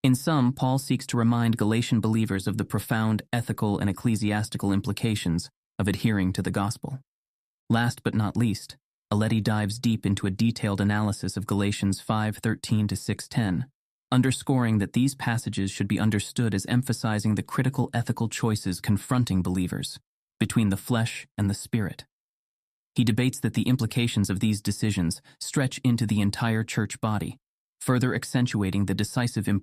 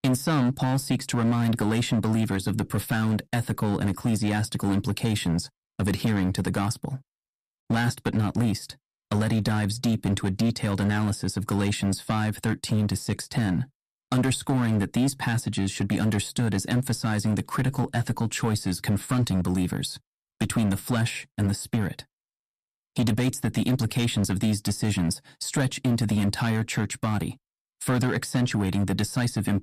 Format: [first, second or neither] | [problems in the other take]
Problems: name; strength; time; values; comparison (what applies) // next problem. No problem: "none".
first | distortion; slight; 10% of the sound clipped